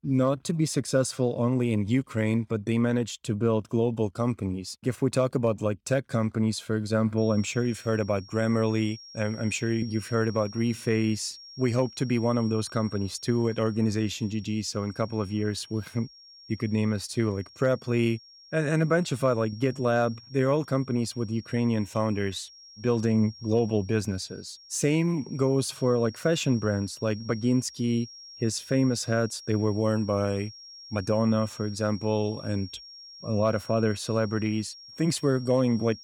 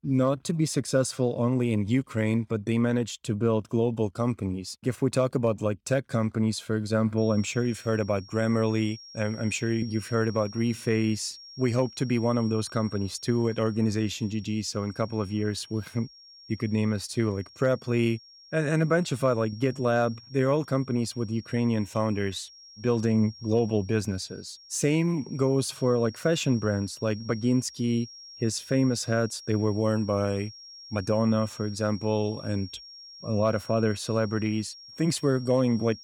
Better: neither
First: high-pitched whine; noticeable; from 7 s on; 5.5 kHz, 20 dB below the speech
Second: high-pitched whine; noticeable; from 7 s on; 5.5 kHz, 20 dB below the speech

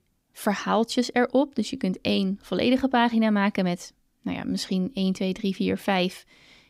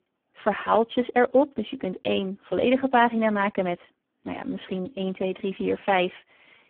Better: first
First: none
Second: phone-call audio; poor line

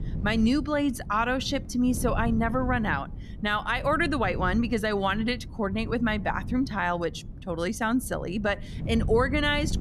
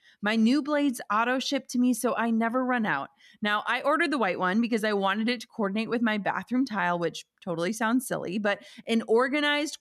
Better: second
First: wind noise on the microphone; occasional gusts; 20 dB below the speech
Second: none

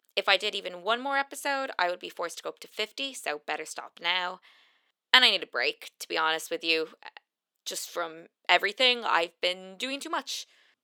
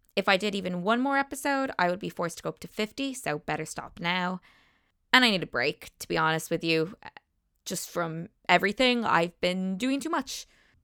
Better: second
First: thin; somewhat; fading below 400 Hz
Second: none

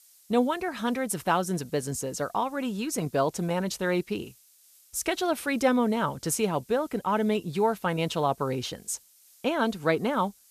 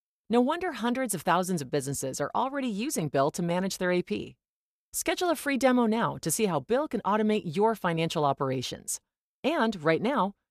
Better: second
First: hiss; faint; throughout; 25 dB below the speech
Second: none

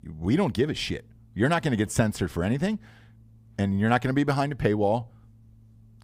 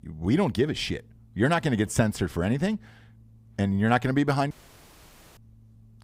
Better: first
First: none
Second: audio cutting out; at 4.5 s for 1 s

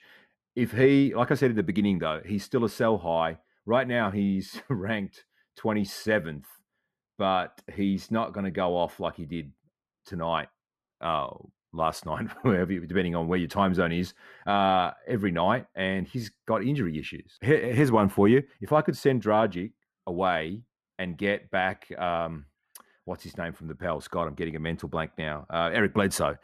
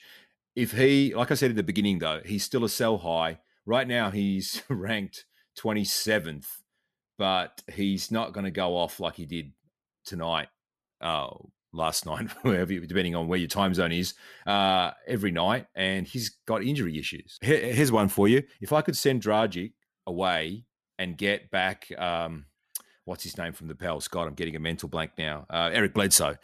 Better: second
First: muffled; slightly; fading above 3 kHz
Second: none

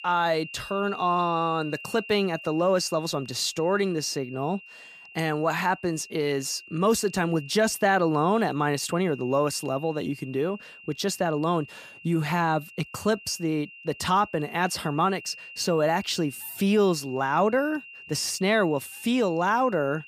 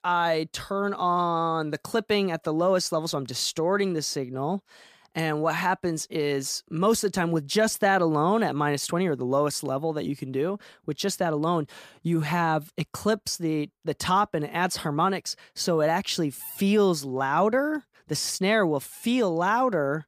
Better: second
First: high-pitched whine; noticeable; throughout; 3 kHz, 15 dB below the speech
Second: none

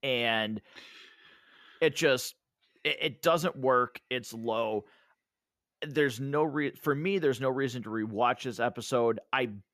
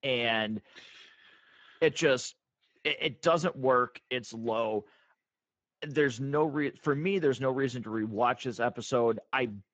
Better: first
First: none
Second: garbled, watery; badly; nothing above 7.5 kHz

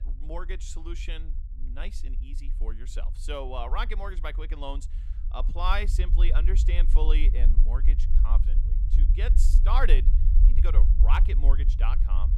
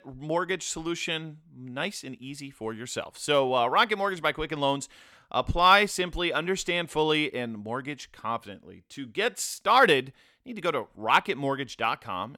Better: second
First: low rumble; noticeable; throughout; 10 dB below the speech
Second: none

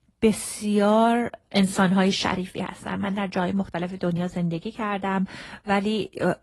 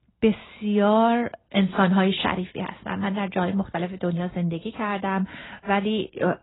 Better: first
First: garbled, watery; slightly; nothing above 11.5 kHz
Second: garbled, watery; badly; nothing above 4 kHz

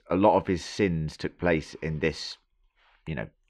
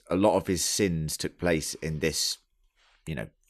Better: second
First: muffled; slightly; fading above 2.5 kHz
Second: none

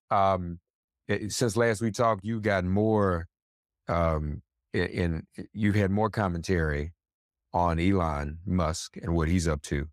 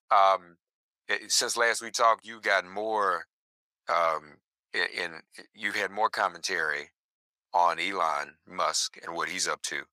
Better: first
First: none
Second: thin; very; fading below 950 Hz

